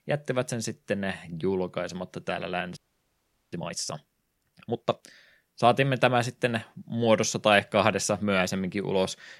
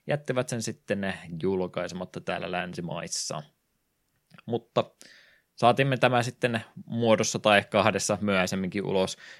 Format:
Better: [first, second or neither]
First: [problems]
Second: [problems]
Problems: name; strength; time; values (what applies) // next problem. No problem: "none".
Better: second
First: audio freezing; at 3 s for 1 s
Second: none